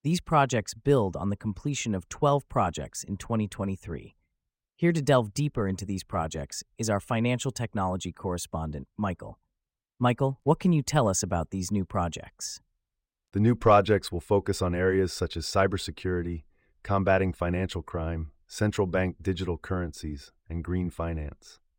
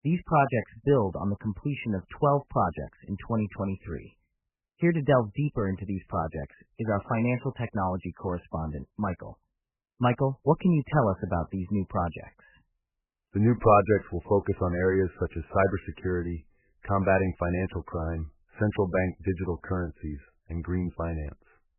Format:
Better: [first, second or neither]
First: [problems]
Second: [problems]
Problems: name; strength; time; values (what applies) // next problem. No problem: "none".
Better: first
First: none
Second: garbled, watery; badly; nothing above 3 kHz